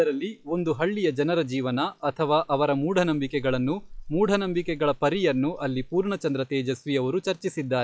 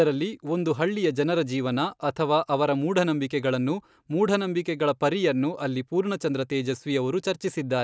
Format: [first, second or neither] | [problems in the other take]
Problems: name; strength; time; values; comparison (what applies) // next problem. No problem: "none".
second | noise reduction (classical method log-MMSE)